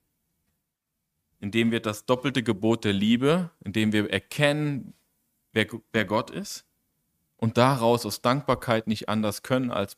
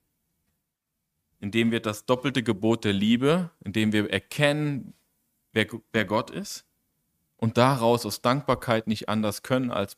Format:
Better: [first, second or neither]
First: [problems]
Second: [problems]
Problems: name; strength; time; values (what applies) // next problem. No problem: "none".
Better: neither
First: none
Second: none